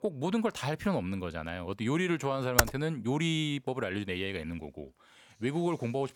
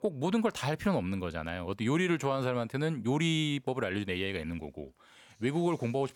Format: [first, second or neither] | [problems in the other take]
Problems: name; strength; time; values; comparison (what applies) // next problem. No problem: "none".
second | keyboard typing; very faint; at 2.5 s; peak 5 dB above the speech